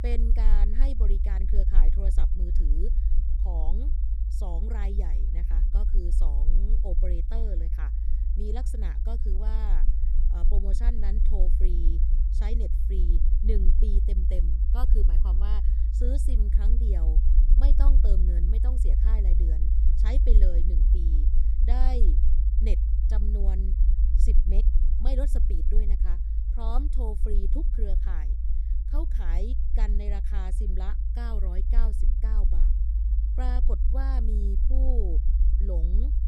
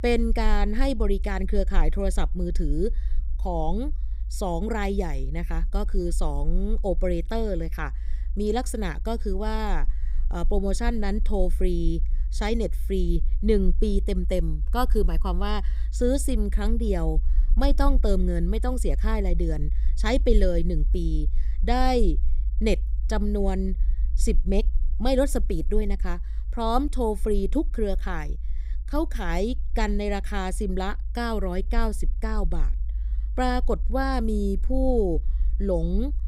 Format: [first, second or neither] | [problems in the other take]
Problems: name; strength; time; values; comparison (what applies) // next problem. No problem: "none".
second | low rumble; loud; throughout; 5 dB below the speech; faint in the second